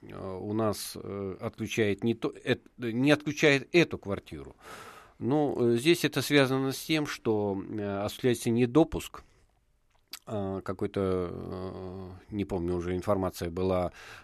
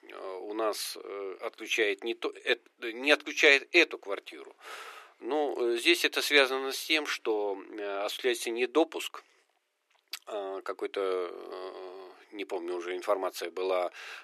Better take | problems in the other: first | thin; very; fading below 350 Hz

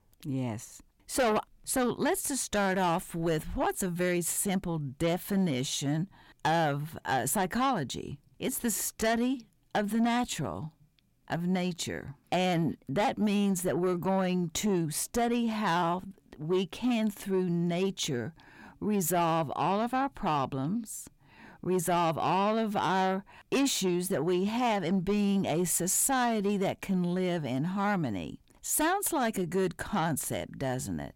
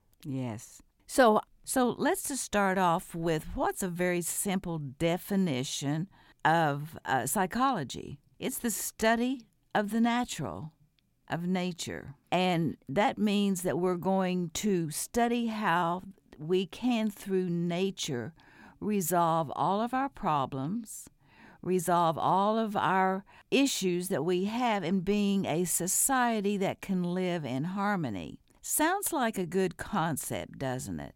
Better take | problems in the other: second | distortion; slight; 10 dB below the speech

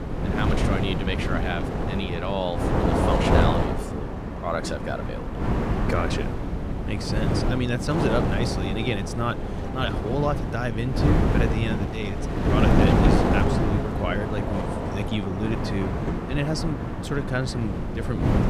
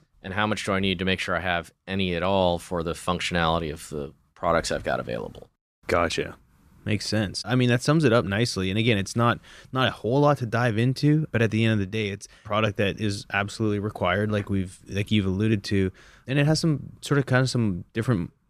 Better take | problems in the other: second | wind noise on the microphone; heavy; 1 dB above the speech

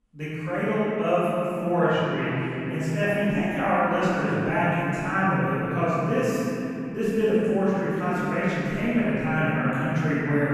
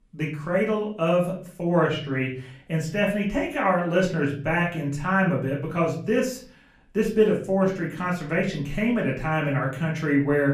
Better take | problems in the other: second | room echo; strong; dies away in 3 s; slight in the second // off-mic speech; far; far in the second

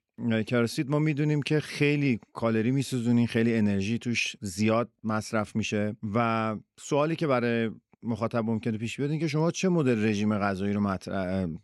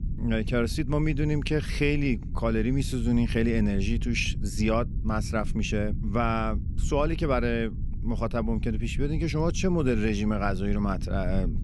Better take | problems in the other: first | low rumble; noticeable; throughout; 15 dB below the speech

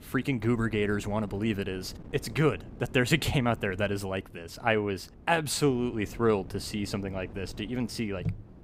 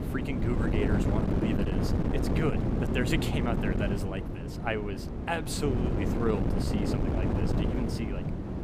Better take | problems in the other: first | wind noise on the microphone; heavy; as loud as the speech; occasional gusts in the first

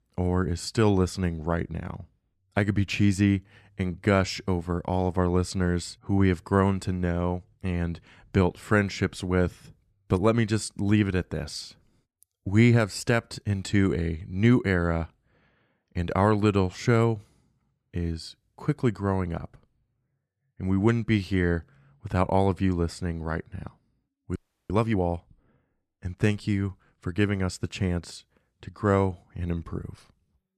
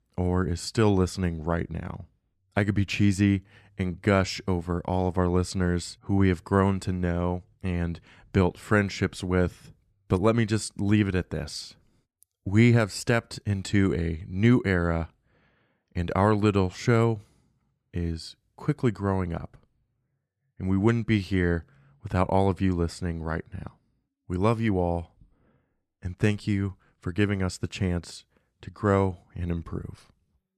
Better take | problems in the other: second | audio freezing; at 24 s

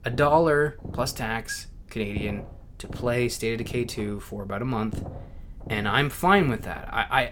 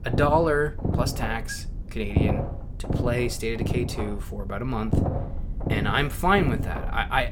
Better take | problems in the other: first | low rumble; loud; throughout; 9 dB below the speech; faint in the first

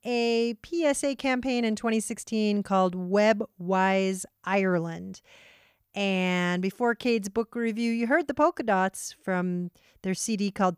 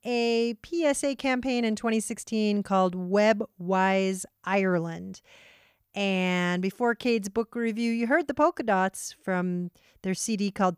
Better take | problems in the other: neither | none

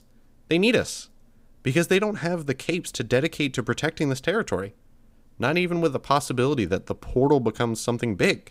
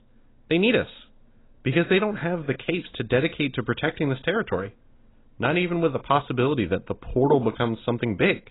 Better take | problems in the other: first | garbled, watery; badly; nothing above 4 kHz

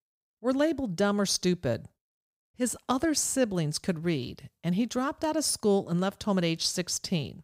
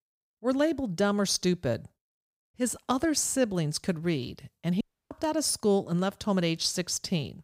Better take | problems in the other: first | audio cutting out; at 5 s

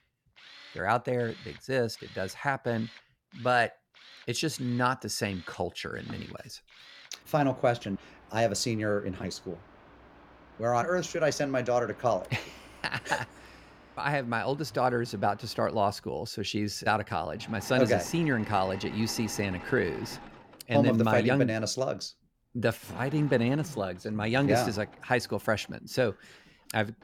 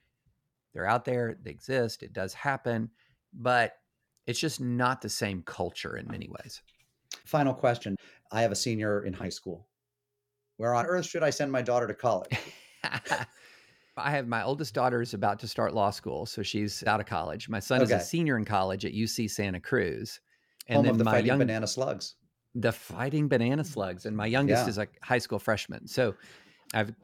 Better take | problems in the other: second | machinery noise; noticeable; throughout; 20 dB below the speech

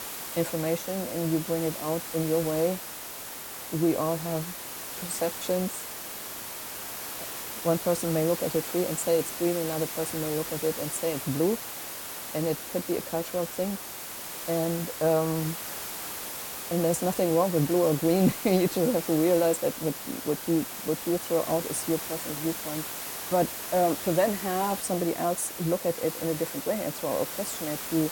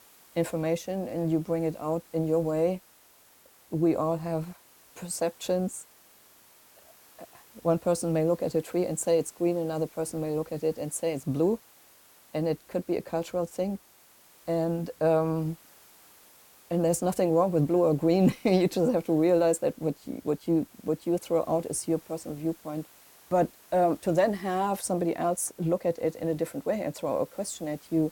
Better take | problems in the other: second | hiss; loud; throughout; 6 dB below the speech; faint in the second

